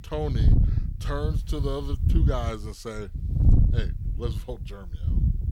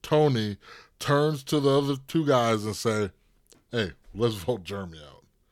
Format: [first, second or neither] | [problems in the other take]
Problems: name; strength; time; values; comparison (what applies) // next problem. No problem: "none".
second | wind noise on the microphone; heavy; 4 dB below the speech